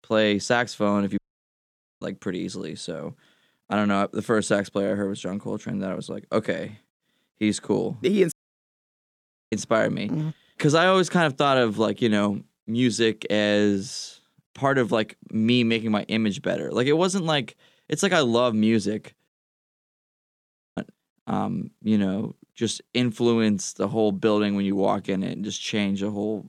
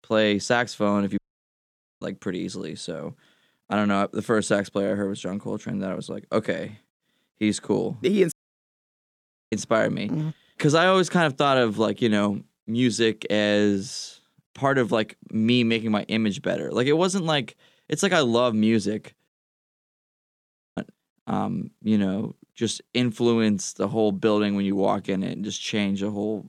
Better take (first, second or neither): neither